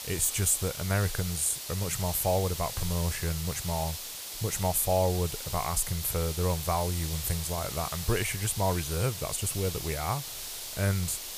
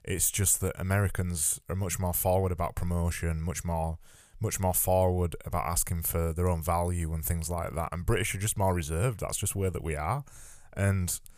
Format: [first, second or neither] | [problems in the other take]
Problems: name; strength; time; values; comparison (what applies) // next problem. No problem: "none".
second | hiss; loud; throughout; 6 dB below the speech